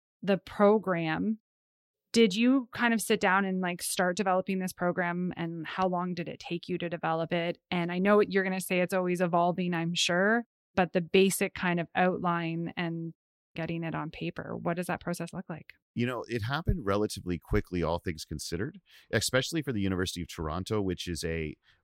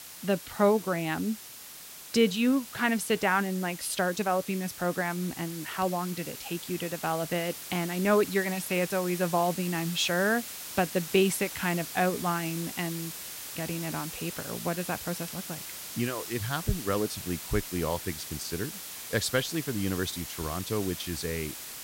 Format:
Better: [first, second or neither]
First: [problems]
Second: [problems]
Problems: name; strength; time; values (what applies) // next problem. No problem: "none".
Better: first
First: none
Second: hiss; loud; throughout; 9 dB below the speech